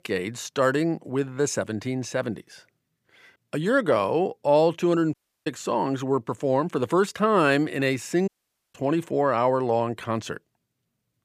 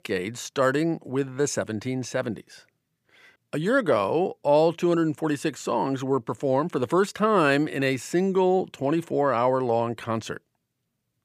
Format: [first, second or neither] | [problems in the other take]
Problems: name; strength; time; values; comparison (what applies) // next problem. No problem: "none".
second | audio cutting out; at 5 s and at 8.5 s